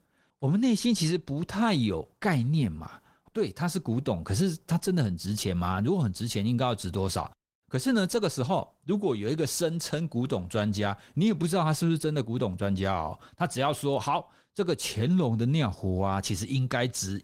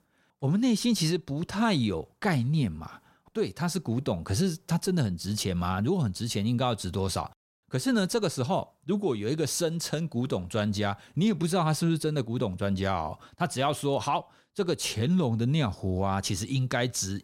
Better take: second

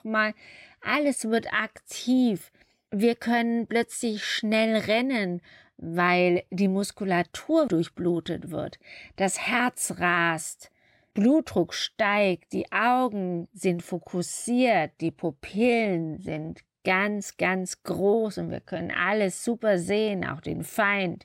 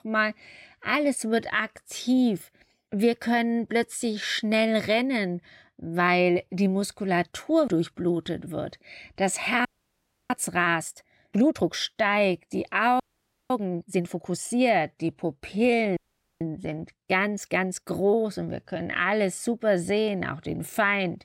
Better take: first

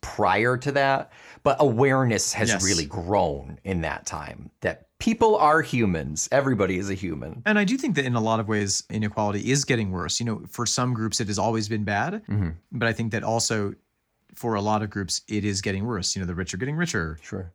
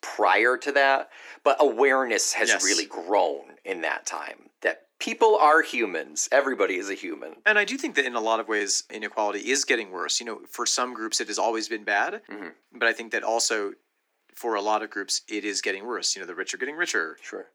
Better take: first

